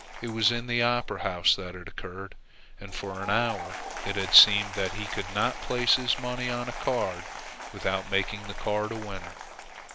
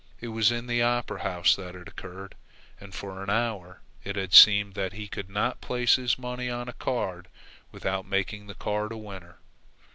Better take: second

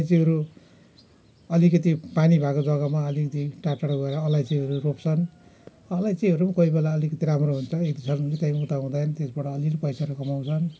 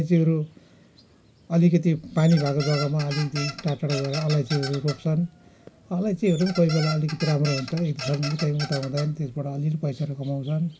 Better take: first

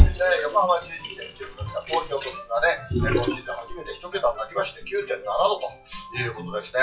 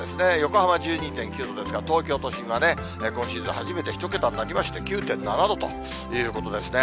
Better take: second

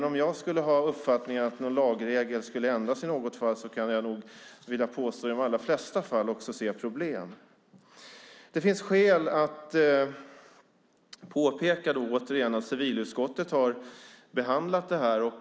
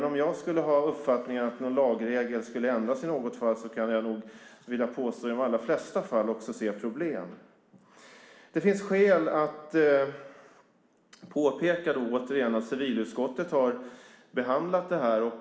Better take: first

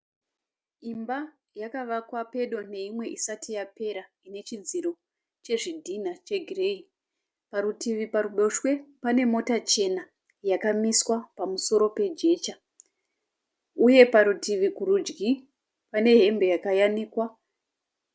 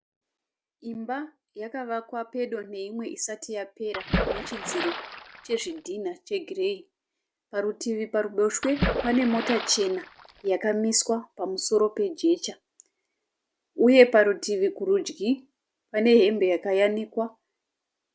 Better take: first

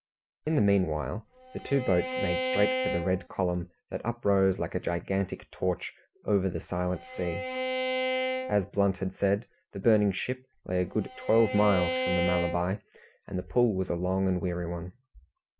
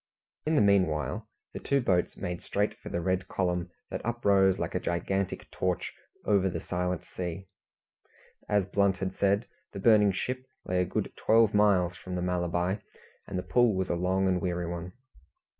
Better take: second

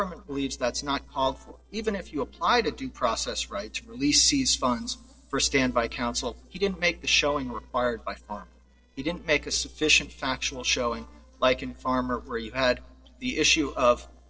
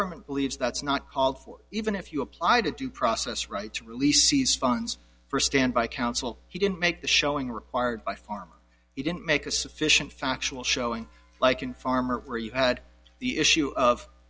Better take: second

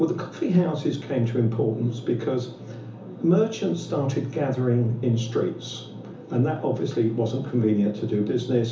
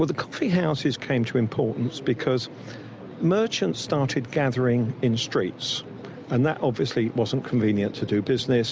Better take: second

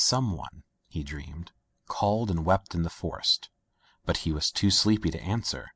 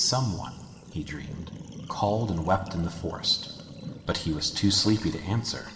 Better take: first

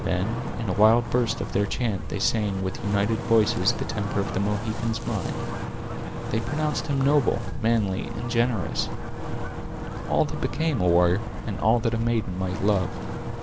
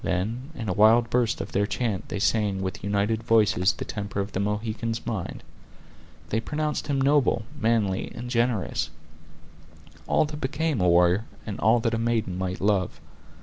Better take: second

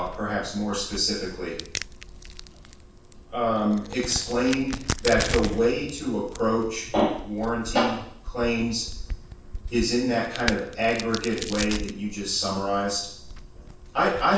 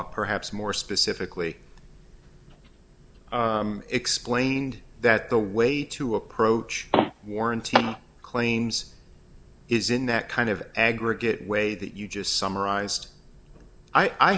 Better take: second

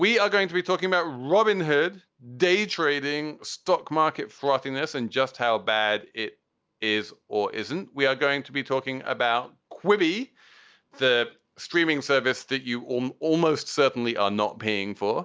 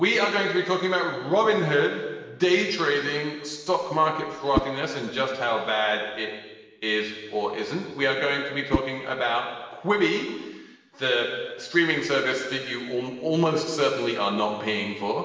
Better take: first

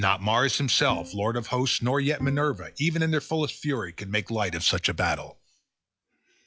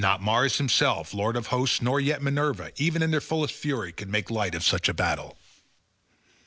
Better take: second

